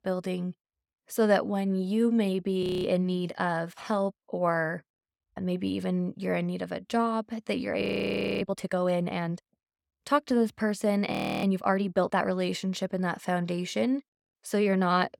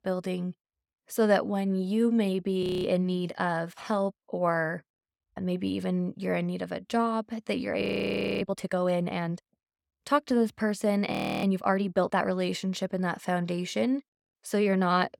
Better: neither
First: audio freezing; at 2.5 s, at 8 s for 0.5 s and at 11 s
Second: audio freezing; at 2.5 s, at 8 s for 0.5 s and at 11 s

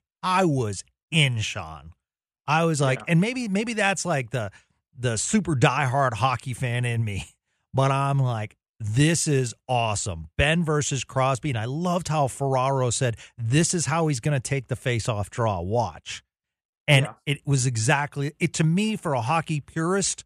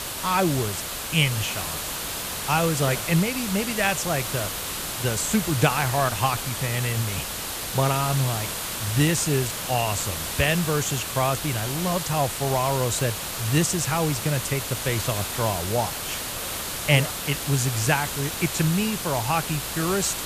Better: first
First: none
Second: hiss; loud; throughout; 4 dB below the speech

